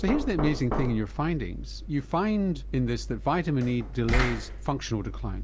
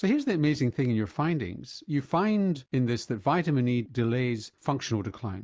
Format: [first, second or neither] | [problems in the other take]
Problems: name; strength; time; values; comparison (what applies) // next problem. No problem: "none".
second | background sound (Knock); 5 dB below the speech